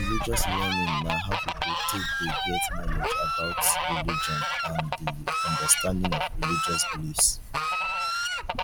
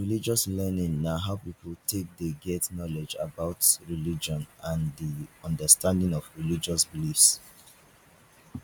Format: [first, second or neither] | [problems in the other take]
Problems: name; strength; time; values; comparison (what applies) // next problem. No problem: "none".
second | background sound (Fowl); 3 dB above the speech